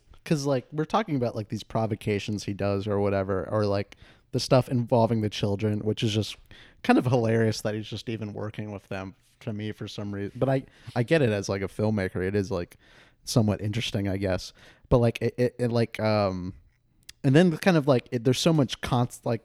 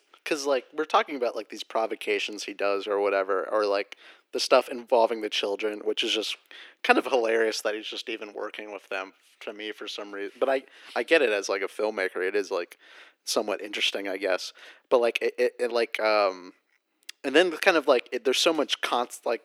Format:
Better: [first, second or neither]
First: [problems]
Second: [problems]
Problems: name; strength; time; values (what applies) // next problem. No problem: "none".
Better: first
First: none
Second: thin; very; fading below 350 Hz